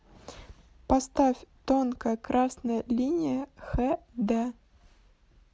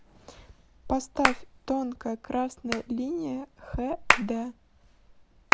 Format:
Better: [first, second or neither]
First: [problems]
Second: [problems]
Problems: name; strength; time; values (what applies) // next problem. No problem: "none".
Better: first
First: none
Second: background sound (Hands); 1 dB above the speech